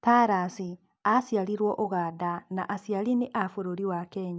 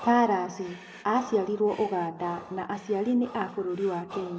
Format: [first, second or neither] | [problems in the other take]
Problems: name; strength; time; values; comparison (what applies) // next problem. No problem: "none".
first | background sound (Breathing); 18 dB below the speech // room echo; dies away in 1.3 s